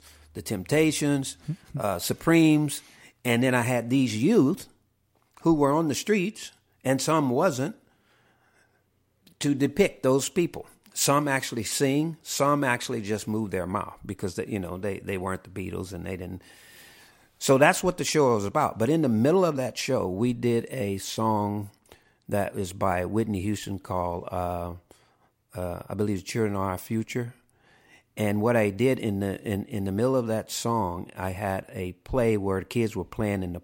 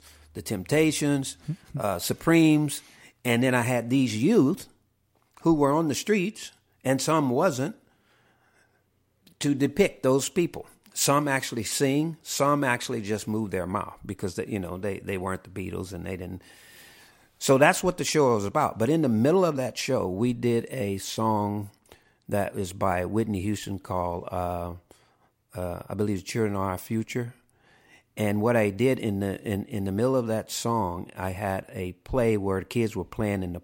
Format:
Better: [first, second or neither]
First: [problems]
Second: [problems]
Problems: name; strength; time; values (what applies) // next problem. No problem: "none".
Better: neither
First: none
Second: none